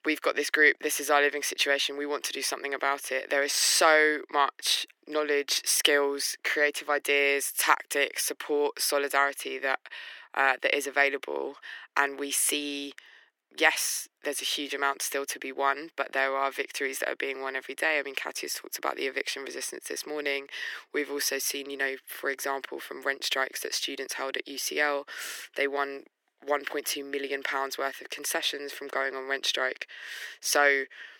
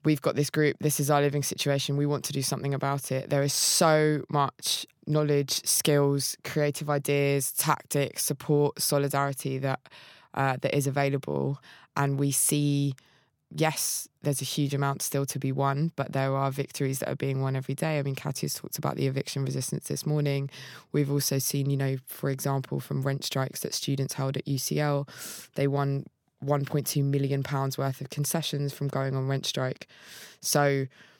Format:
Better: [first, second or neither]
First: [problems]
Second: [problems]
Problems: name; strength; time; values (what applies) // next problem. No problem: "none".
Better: second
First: thin; very; fading below 300 Hz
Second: none